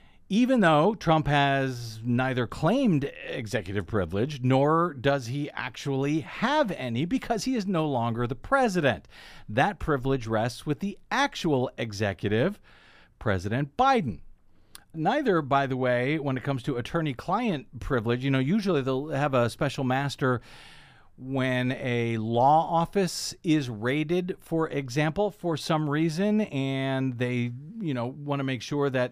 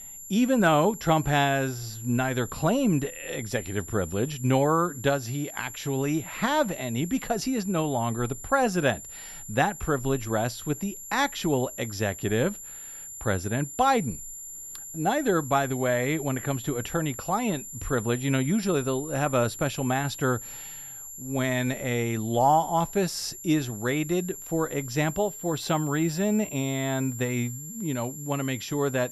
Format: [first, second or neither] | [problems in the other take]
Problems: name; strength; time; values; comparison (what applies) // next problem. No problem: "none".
first | high-pitched whine; noticeable; throughout; 7 kHz, 10 dB below the speech